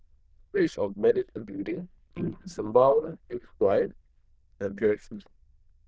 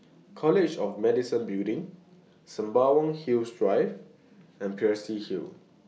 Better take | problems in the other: second | noise reduction (neural diffusion model UNIVERSE++)

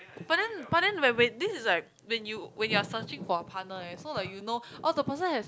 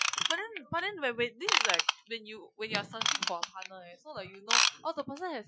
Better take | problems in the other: first | noise reduction (classical method Wiener filter)

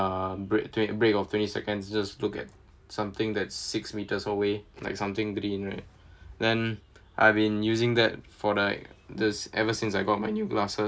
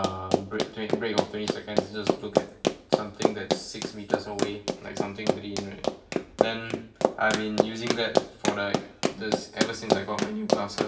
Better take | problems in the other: first | background sound (Run); 5 dB above the speech // room echo; dies away in 0.8 s

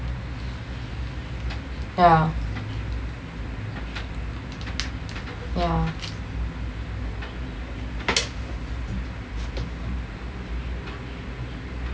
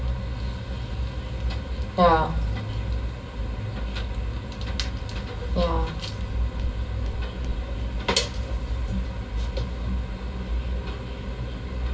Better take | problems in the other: first | background sound (Walk, footsteps); 10 dB below the speech // room echo; dies away in 1.6 s

